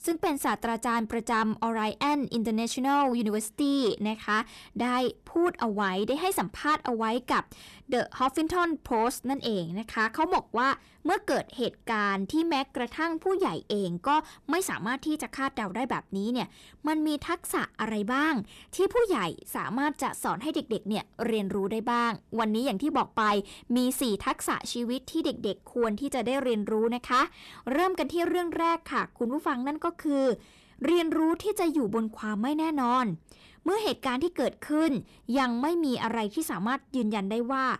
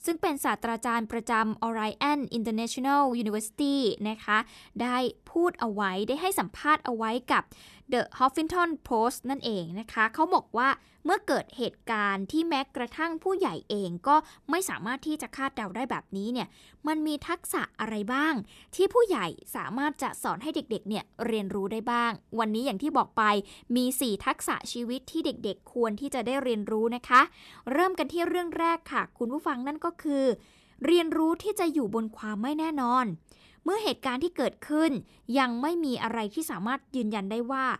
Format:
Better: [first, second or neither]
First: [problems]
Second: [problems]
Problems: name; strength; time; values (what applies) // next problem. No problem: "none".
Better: second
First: distortion; slight; 10 dB below the speech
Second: none